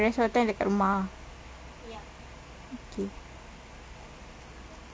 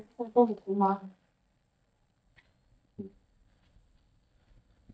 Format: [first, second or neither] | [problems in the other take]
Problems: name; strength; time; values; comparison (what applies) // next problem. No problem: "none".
first | noise reduction (neural mask model DeepFilterNet 3)